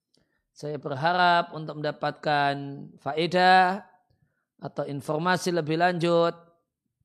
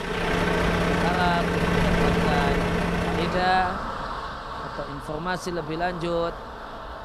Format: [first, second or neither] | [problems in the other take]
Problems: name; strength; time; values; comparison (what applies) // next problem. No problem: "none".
first | traffic noise; very loud; throughout; 3 dB above the speech